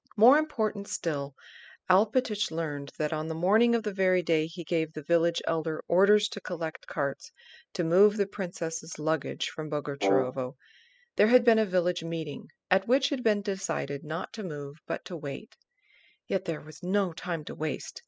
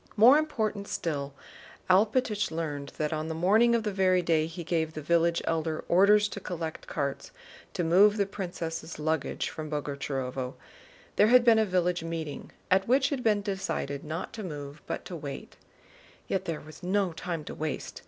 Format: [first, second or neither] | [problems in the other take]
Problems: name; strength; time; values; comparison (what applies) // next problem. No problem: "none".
second | noise reduction (classical method spectral subtraction)